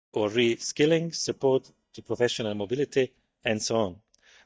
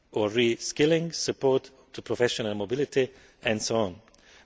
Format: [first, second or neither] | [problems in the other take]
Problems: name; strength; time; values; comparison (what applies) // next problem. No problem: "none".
second | noise reduction (neural mask model DeepFilterNet 3)